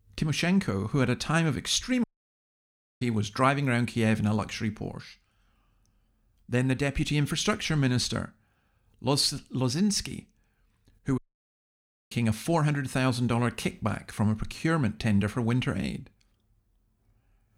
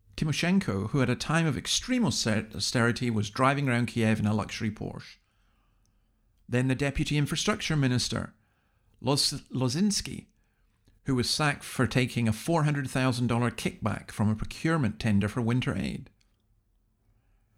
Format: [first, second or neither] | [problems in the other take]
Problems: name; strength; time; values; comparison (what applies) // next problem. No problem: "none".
second | audio cutting out; at 2 s for 1 s and at 11 s for 1 s